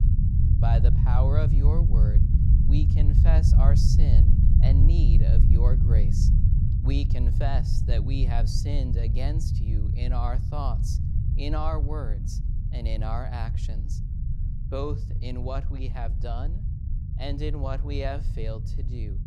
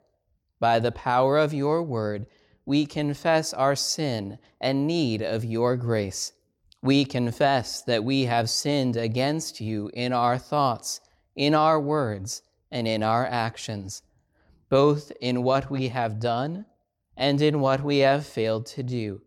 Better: second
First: low rumble; loud; throughout; 3 dB below the speech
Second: none

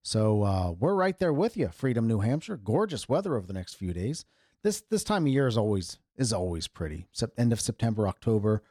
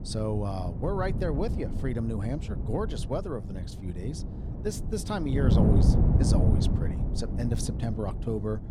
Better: first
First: none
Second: wind noise on the microphone; heavy; 4 dB below the speech

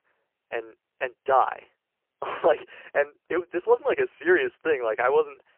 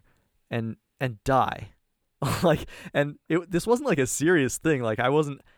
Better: second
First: phone-call audio; poor line; nothing above 3 kHz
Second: none

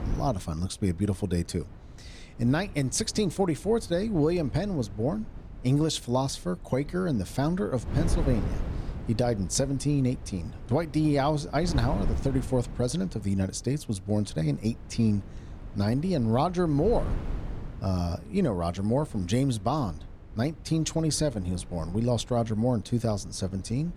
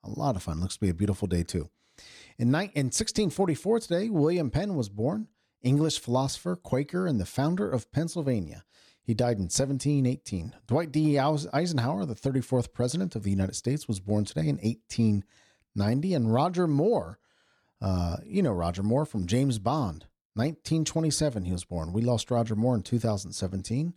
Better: second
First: wind noise on the microphone; occasional gusts; 15 dB below the speech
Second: none

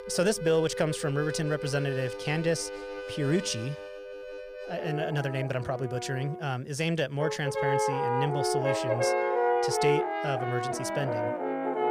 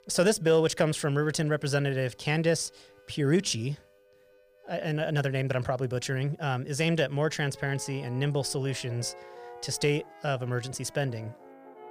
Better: second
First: background music; loud; throughout; 1 dB below the speech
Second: background music; faint; throughout; 25 dB below the speech

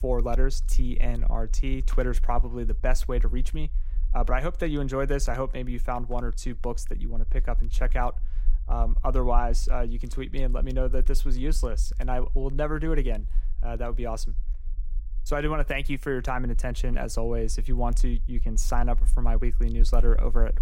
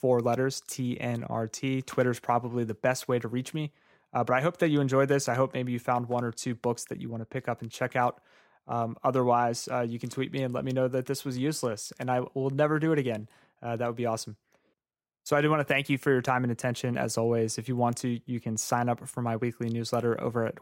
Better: second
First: low rumble; faint; throughout; 25 dB below the speech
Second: none

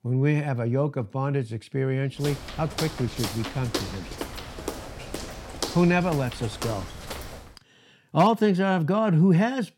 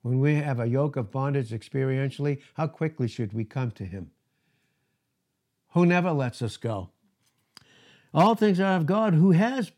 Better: second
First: footsteps; noticeable; from 2 to 7.5 s; peak 6 dB below the speech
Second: none

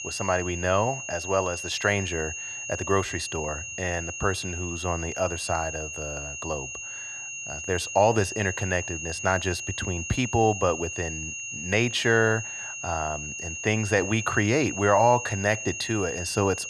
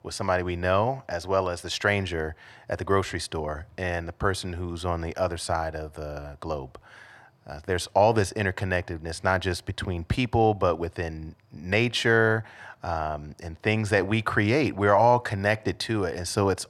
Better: second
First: high-pitched whine; loud; throughout; 3 kHz, 6 dB below the speech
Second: none

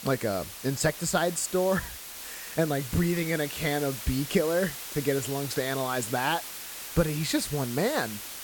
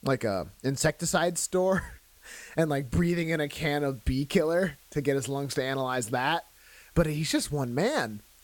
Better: second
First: hiss; loud; throughout; 8 dB below the speech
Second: hiss; faint; throughout; 25 dB below the speech

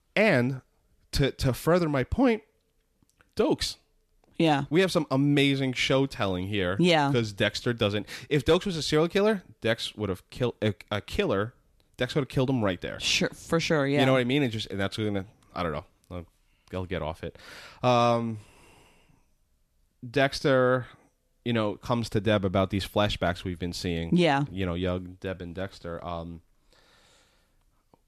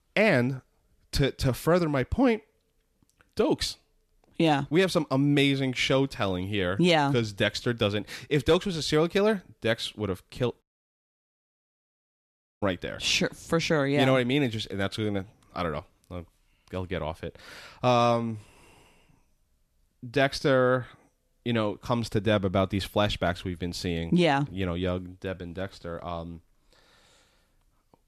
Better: first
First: none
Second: audio cutting out; at 11 s for 2 s

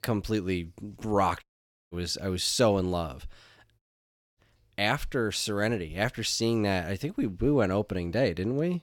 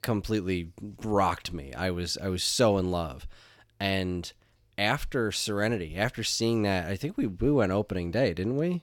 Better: second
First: audio cutting out; at 1.5 s and at 4 s for 0.5 s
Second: none

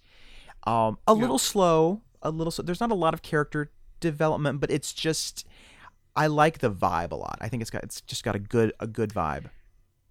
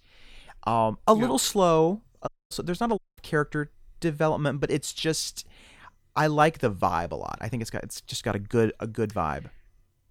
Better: first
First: none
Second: audio cutting out; at 2.5 s and at 3 s

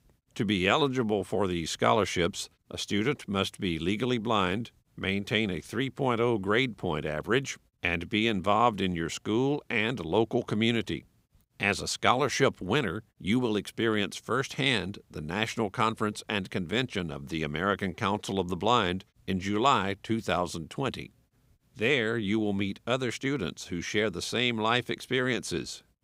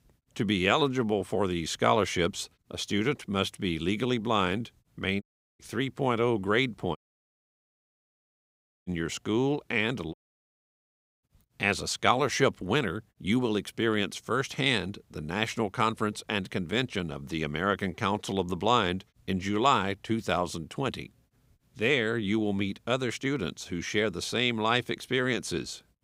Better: first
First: none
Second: audio cutting out; at 5 s, at 7 s for 2 s and at 10 s for 1 s

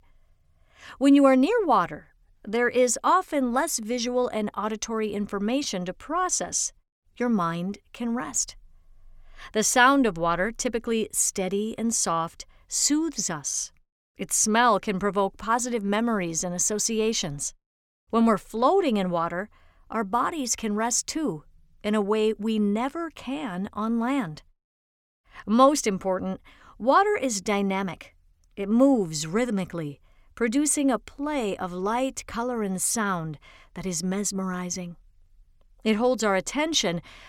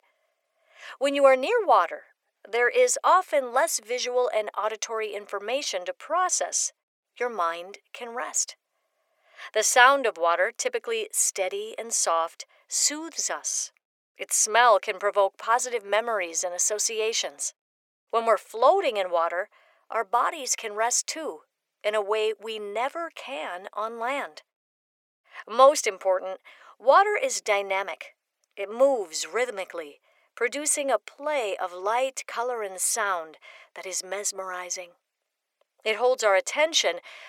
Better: first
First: none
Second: thin; very; fading below 450 Hz

